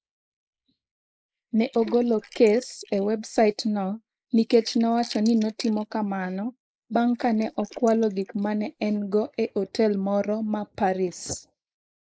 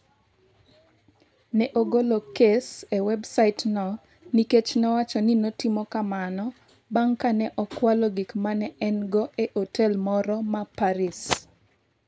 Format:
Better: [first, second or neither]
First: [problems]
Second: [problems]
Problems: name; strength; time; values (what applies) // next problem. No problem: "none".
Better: second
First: noise reduction (neural mask model Resemble Enhance denoiser)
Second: none